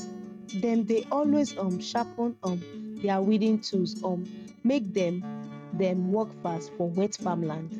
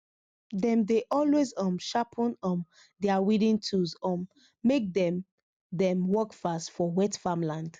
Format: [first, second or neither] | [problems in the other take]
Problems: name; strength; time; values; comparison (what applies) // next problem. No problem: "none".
second | noise reduction (neural mask model RNNoise)